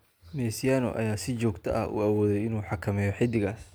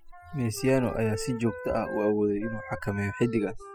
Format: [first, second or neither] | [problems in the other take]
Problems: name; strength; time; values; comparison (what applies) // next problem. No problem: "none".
first | noise reduction (classical method spectral subtraction)